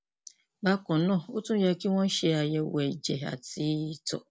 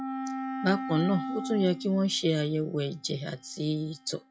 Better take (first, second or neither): first